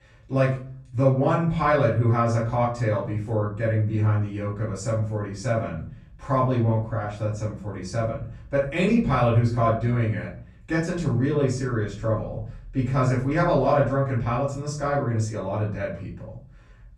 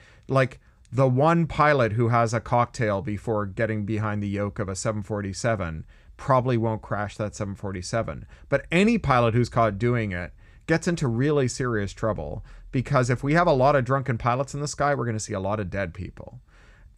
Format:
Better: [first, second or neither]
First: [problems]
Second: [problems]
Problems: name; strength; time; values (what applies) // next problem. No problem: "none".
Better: second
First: off-mic speech; far // room echo; noticeable; dies away in 0.4 s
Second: none